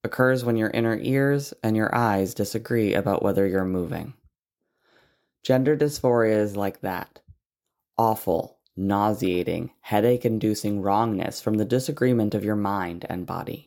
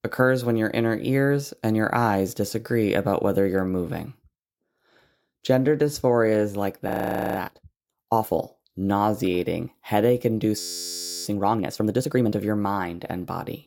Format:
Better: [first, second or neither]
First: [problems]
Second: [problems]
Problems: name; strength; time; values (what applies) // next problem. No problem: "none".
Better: first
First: none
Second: audio freezing; at 7 s and at 11 s for 0.5 s